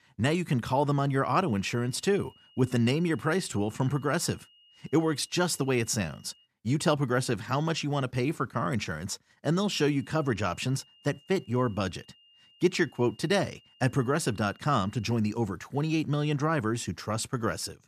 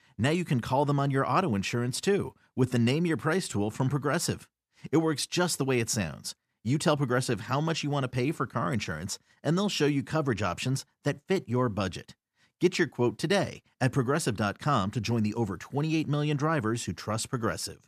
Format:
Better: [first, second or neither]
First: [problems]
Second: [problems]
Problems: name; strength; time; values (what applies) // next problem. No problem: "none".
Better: second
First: high-pitched whine; faint; from 1.5 to 6.5 s and from 9.5 to 15 s; 3 kHz, 30 dB below the speech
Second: none